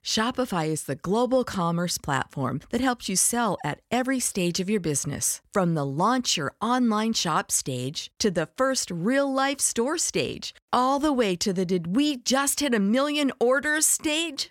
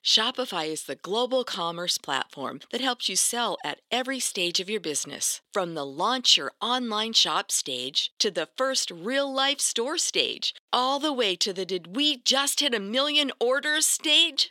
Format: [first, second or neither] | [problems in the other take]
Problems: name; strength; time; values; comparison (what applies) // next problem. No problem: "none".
first | thin; very slightly; fading below 350 Hz